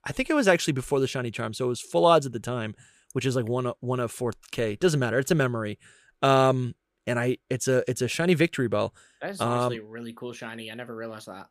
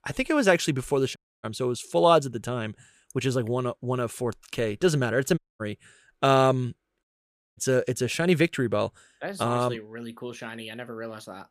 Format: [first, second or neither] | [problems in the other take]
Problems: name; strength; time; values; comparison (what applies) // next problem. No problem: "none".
first | audio cutting out; at 1 s, at 5.5 s and at 7 s for 0.5 s